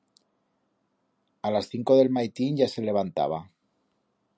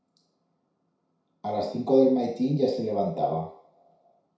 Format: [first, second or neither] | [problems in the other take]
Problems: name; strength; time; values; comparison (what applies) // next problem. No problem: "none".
first | room echo; dies away in 0.6 s